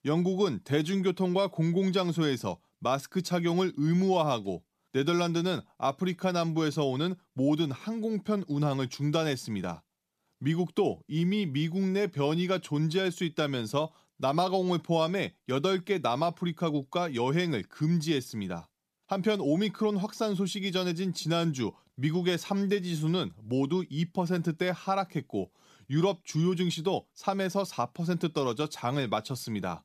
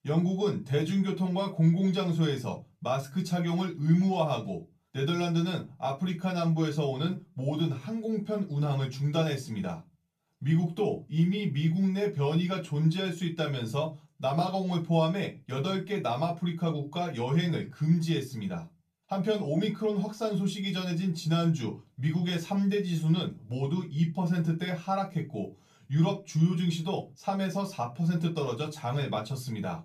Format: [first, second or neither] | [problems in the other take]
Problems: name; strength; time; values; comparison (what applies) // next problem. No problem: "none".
first | off-mic speech; far // room echo; very slight; dies away in 0.2 s